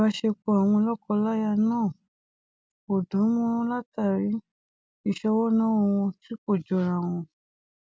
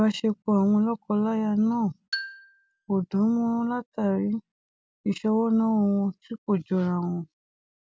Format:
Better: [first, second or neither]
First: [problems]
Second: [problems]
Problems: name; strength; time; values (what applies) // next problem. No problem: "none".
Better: first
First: none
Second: background sound (Marimba, xylophone); 14 dB below the speech